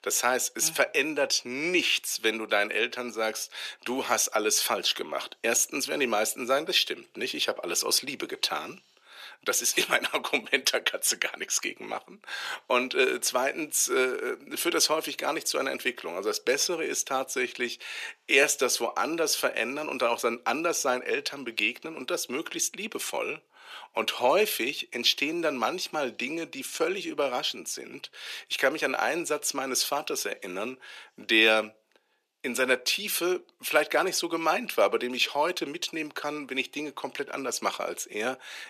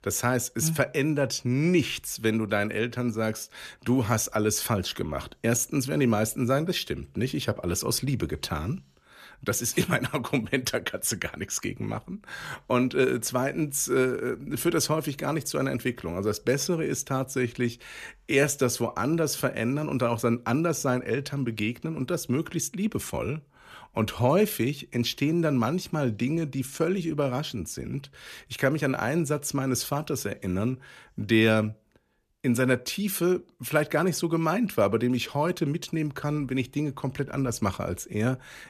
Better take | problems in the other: second | thin; somewhat; fading below 400 Hz

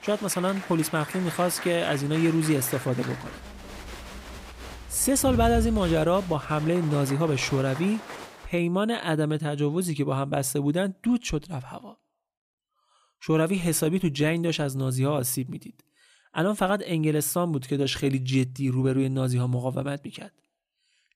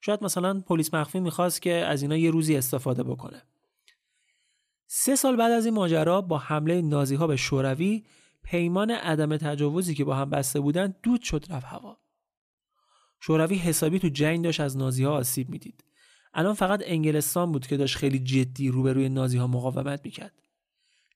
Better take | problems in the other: second | crowd noise; noticeable; until 8.5 s; 10 dB below the speech

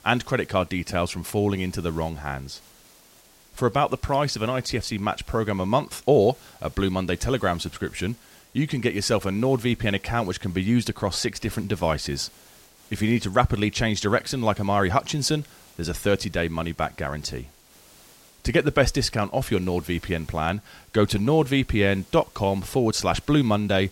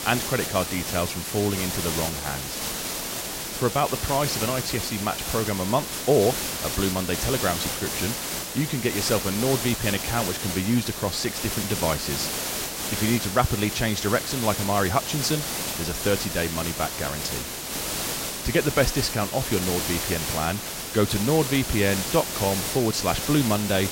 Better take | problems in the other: first | hiss; loud; throughout; 2 dB below the speech; faint in the first

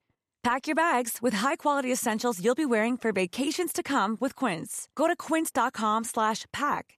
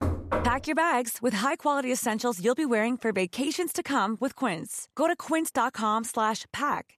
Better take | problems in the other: first | door banging; noticeable; at the start; peak 2 dB below the speech

